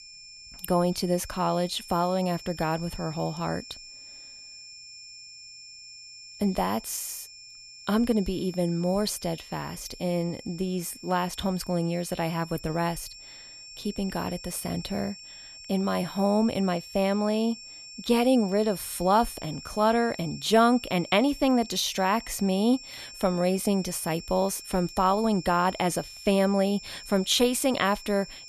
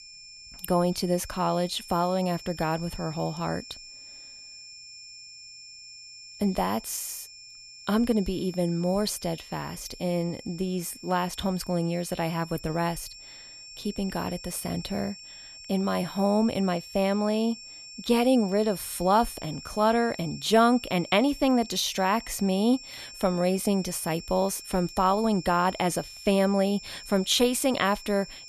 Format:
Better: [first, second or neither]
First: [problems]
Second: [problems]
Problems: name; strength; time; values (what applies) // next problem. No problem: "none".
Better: neither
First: high-pitched whine; noticeable; throughout; 5.5 kHz, 15 dB below the speech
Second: high-pitched whine; noticeable; throughout; 5.5 kHz, 15 dB below the speech